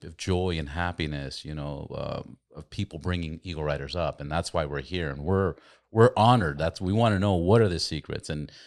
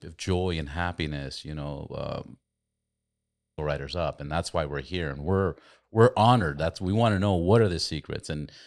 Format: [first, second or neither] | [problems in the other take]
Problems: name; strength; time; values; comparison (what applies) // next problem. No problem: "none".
first | audio freezing; at 2.5 s for 1 s